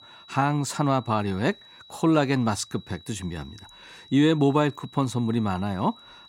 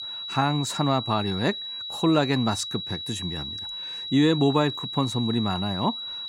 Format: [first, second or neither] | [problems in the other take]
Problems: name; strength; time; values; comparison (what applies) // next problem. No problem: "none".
first | high-pitched whine; loud; throughout; 4 kHz, 6 dB below the speech; faint in the first